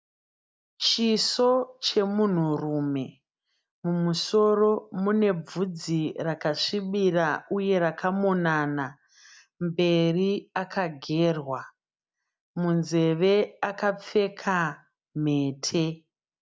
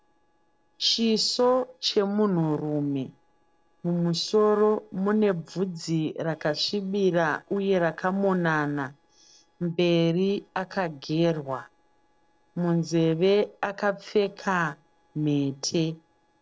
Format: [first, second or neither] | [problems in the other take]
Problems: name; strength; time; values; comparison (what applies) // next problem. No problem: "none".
first | noise reduction (neural separator model SepFormer DNS4)